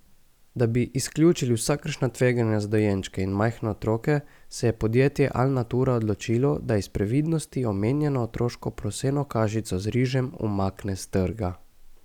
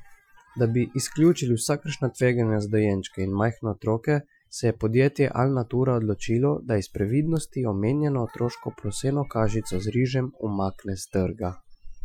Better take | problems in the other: first | noise reduction (classical method Wiener filter)

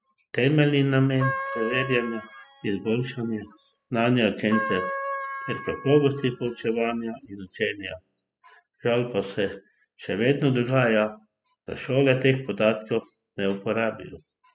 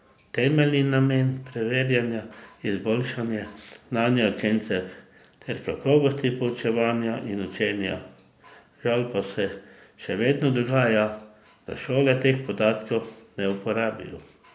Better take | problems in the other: second | noise reduction (classical method spectral subtraction)

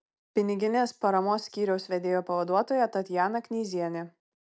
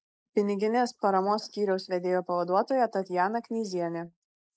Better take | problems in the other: first | noise reduction (neural mask model Resemble Enhance denoiser)

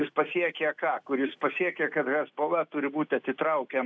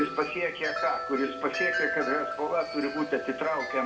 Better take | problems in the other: first | background sound (Wind chime); 4 dB below the speech // room echo; dies away in 0.6 s

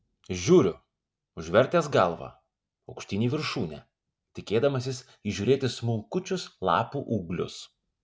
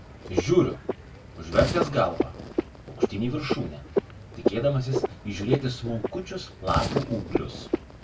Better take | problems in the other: first | background sound (Frog); 2 dB below the speech // room echo; dies away in 0.1 s

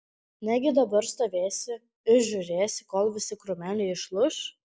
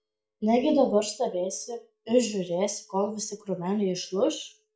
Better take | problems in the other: first | noise reduction (neural mask model DeepFilterNet 3)

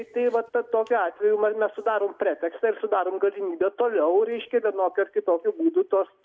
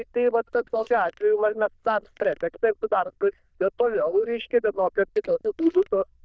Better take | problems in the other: first | noise reduction (neural diffusion model UNIVERSE++)

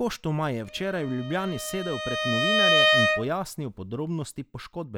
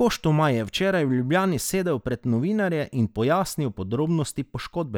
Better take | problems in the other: second | background sound (Bowed string instrument); 4 dB above the speech

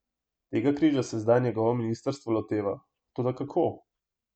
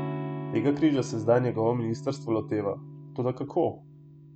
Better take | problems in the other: first | background sound (Electric guitar / Strum); 10 dB below the speech

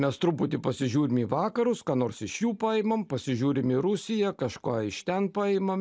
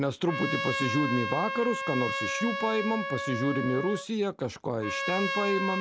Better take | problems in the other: first | background sound (Trumpet); 3 dB below the speech

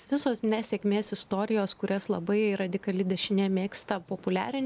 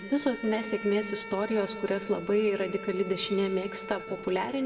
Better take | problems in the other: first | background sound (Bowed string instrument); 13 dB below the speech // room echo; dies away in 1 s

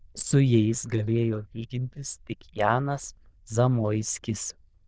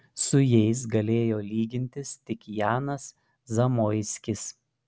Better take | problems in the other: second | noise reduction (neural diffusion model UNIVERSE++)

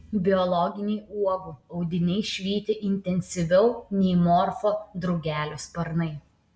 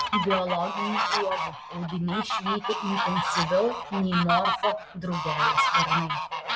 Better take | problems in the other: first | background sound (Fowl); 1 dB above the speech

